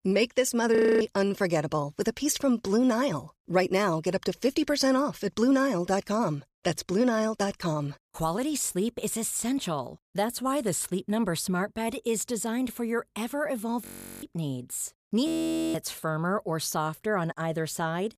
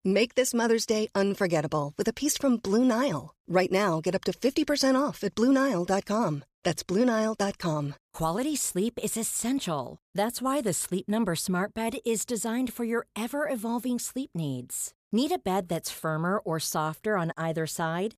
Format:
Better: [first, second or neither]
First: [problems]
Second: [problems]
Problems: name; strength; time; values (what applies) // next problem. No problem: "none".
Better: second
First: audio freezing; at 1 s, at 14 s and at 15 s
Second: none